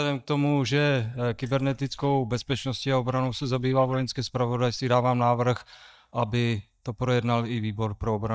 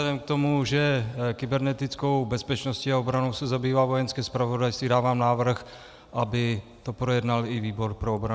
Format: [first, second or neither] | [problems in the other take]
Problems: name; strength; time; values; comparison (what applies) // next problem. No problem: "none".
second | noise reduction (neural mask model DeepFilterNet 3)